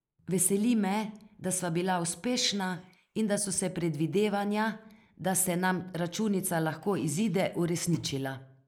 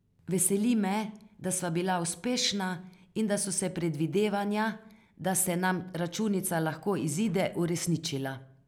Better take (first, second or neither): second